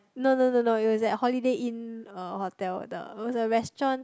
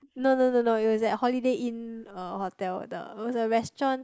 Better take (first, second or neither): first